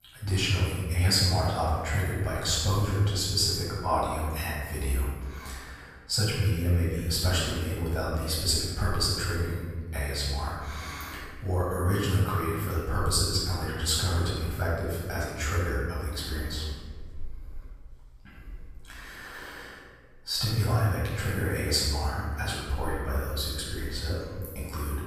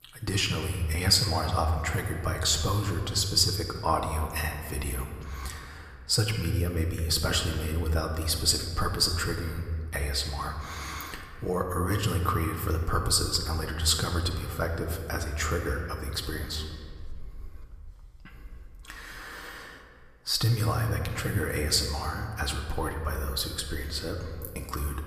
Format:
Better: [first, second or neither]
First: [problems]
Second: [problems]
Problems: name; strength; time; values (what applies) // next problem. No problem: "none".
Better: second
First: room echo; strong; dies away in 1.4 s // off-mic speech; far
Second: room echo; slight; dies away in 1.7 s